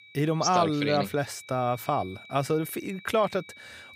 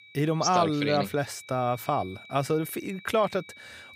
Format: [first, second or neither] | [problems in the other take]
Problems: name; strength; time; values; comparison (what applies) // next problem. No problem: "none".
neither | high-pitched whine; noticeable; throughout; 2.5 kHz, 20 dB below the speech; the same in both